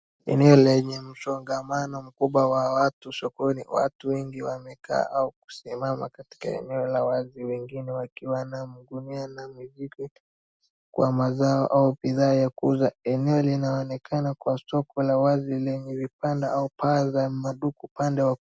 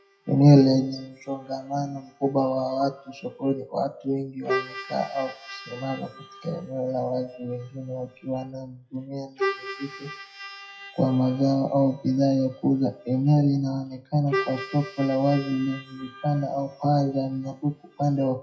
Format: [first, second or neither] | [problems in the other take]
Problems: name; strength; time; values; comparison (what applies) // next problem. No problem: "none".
first | noise reduction (classical method WPE with log-MMSE)